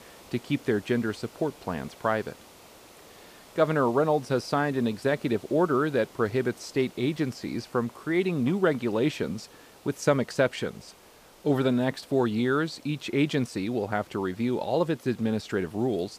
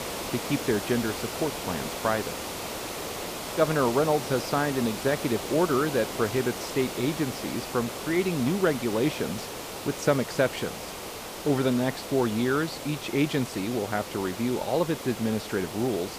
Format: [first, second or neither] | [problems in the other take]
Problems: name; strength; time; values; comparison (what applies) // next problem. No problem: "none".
first | hiss; loud; throughout; 7 dB below the speech; faint in the first